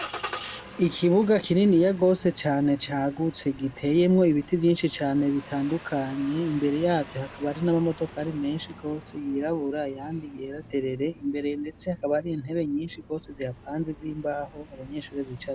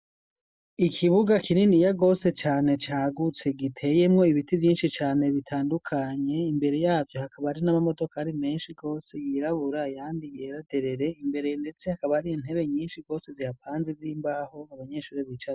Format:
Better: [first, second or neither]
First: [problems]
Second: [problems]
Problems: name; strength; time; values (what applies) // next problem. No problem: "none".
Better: second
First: background sound (Engine starting); 18 dB below the speech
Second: none